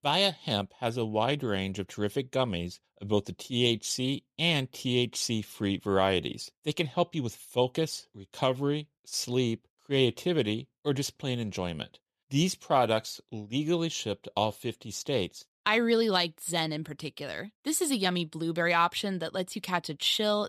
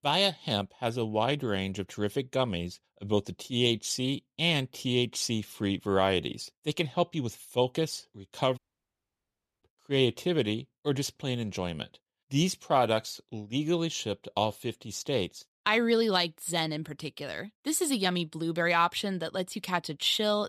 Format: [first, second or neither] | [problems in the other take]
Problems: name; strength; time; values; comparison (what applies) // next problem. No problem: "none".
first | audio cutting out; at 8.5 s for 1 s